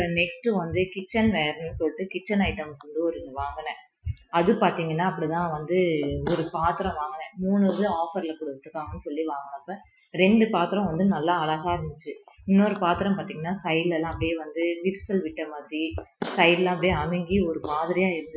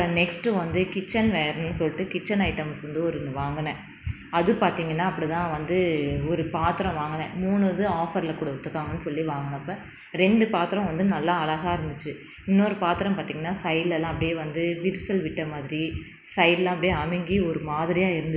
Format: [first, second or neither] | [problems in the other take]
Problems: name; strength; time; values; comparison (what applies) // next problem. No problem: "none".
second | noise reduction (classical method Wiener filter)